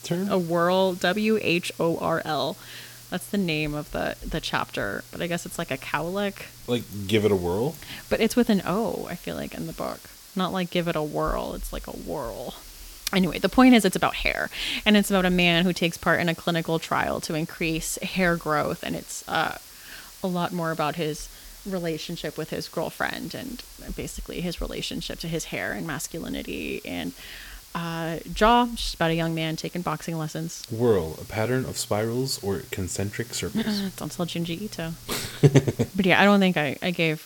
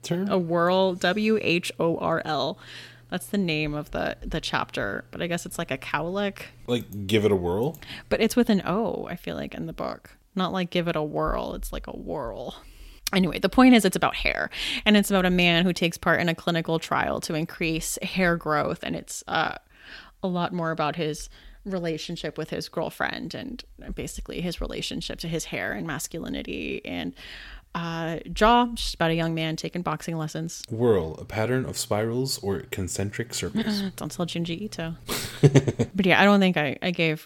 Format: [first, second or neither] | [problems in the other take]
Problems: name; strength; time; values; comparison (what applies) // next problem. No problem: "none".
second | hiss; noticeable; throughout; 20 dB below the speech